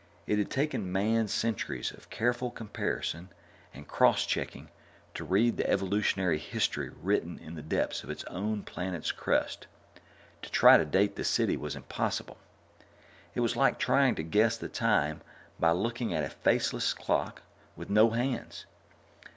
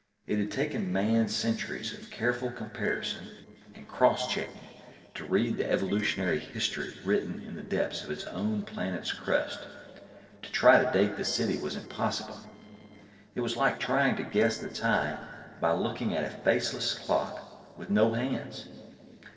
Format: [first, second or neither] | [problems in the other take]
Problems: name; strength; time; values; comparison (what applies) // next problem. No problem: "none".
first | noise reduction (neural separator model SepFormer DNS4)